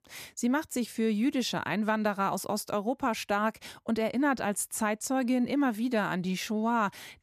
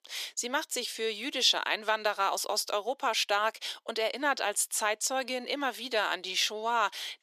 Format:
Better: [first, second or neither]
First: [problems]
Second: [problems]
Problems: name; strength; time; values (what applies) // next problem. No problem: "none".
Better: first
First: none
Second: thin; very; fading below 400 Hz